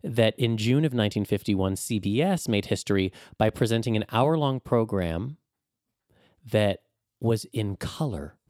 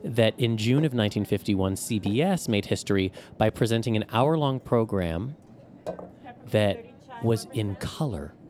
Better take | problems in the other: first | hiss; noticeable; throughout; 20 dB below the speech

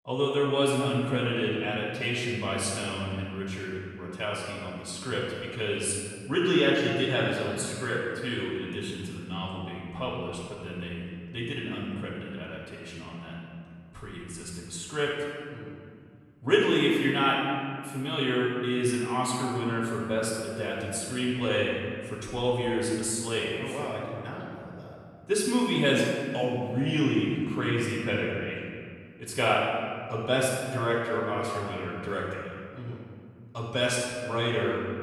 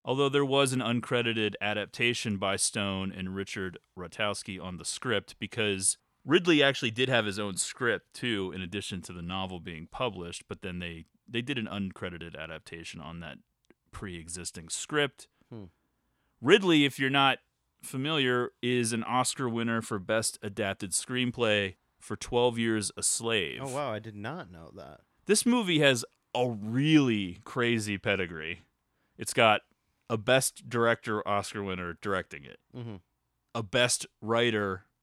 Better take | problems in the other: second | off-mic speech; far // room echo; strong; dies away in 2 s

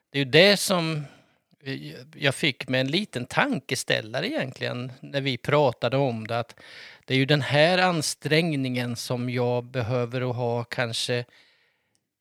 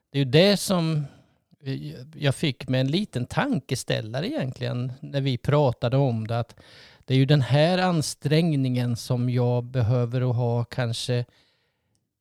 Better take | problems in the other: second | thin; very slightly; fading below 650 Hz

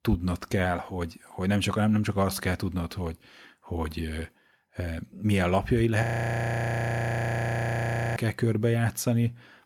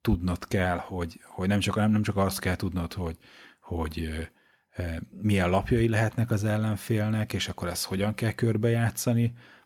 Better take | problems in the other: second | audio freezing; at 6 s for 2 s

